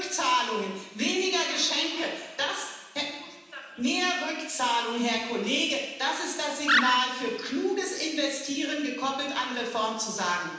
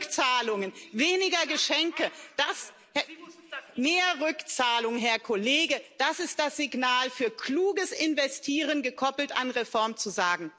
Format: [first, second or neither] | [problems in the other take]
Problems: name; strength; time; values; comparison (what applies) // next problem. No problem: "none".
second | background sound (Animal); 2 dB above the speech // room echo; dies away in 1.1 s